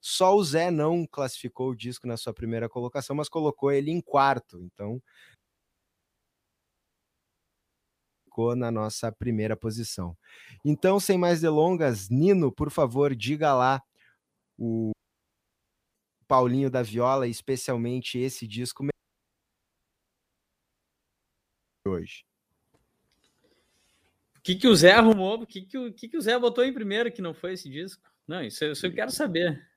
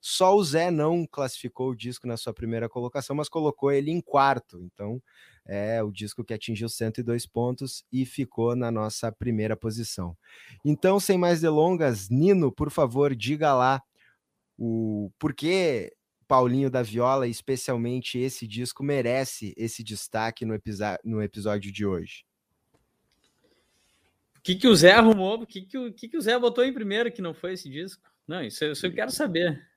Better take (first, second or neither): second